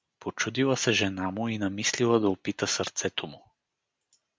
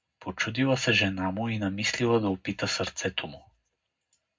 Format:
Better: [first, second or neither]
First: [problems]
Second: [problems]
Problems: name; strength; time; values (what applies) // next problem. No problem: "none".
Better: first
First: none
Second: room echo; dies away in 0.3 s